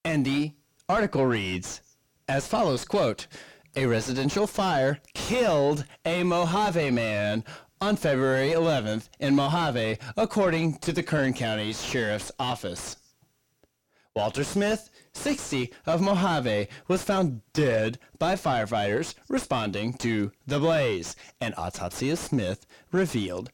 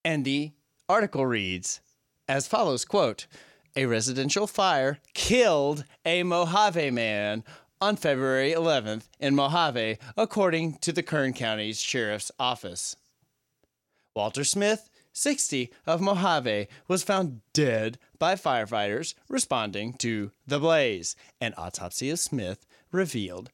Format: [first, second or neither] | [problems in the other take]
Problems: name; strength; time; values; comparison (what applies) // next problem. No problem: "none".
second | distortion; heavy; 6 dB below the speech